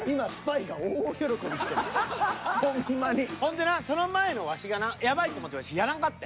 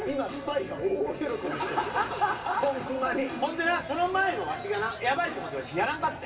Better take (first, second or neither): first